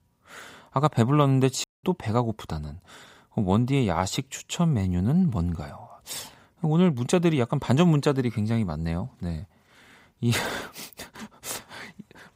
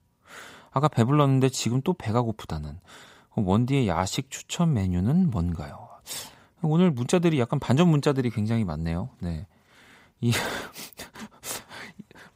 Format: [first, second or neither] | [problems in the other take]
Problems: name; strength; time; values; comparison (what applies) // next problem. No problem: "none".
second | audio cutting out; at 1.5 s